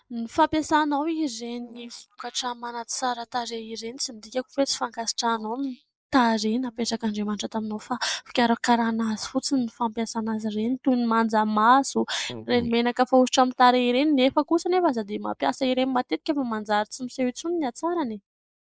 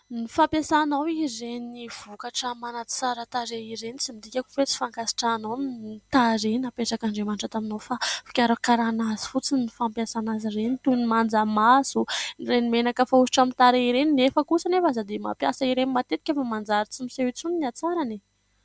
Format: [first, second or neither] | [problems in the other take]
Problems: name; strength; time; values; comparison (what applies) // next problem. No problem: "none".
second | noise reduction (neural mask model Resemble Enhance denoiser)